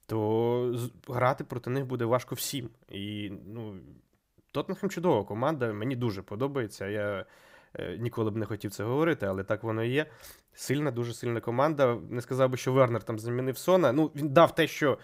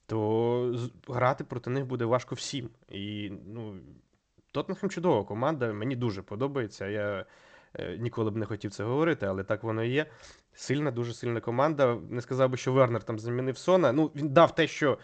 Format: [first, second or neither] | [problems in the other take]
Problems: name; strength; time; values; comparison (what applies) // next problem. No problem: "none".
first | garbled, watery; slightly; nothing above 8 kHz